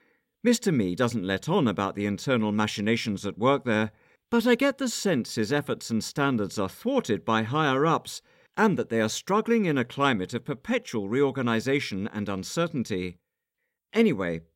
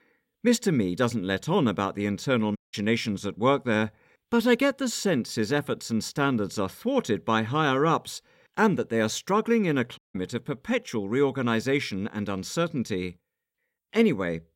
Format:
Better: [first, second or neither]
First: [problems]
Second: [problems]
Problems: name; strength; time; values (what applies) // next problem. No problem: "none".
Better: first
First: none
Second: audio cutting out; at 2.5 s and at 10 s